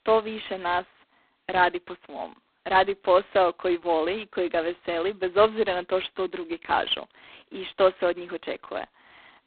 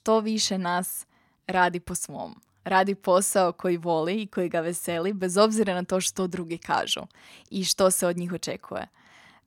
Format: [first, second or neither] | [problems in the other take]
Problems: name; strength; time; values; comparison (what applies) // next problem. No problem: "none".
second | phone-call audio; poor line; nothing above 4 kHz